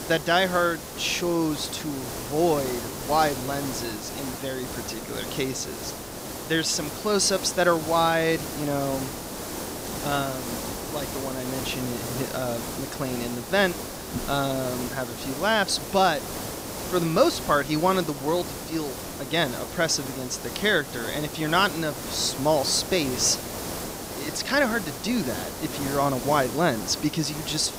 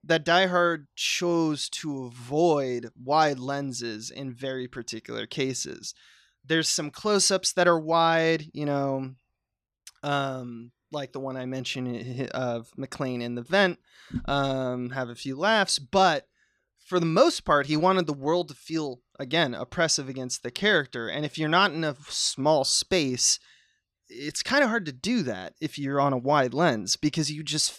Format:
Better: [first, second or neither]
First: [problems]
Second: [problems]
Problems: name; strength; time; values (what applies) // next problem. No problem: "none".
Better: second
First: hiss; loud; throughout; 8 dB below the speech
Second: none